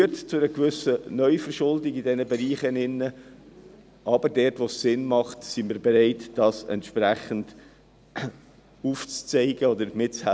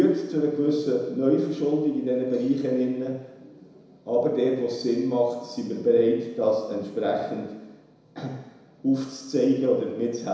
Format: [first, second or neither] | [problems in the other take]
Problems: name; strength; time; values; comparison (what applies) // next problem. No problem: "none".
first | room echo; dies away in 1 s